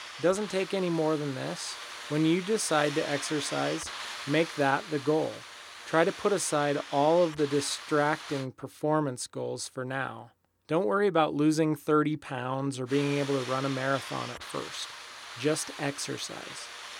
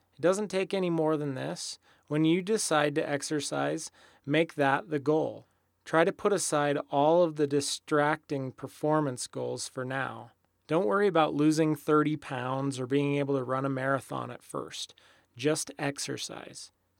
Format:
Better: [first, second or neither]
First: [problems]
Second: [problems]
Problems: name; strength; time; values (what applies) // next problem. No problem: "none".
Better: second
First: hiss; noticeable; until 8.5 s and from 13 s on; 10 dB below the speech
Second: none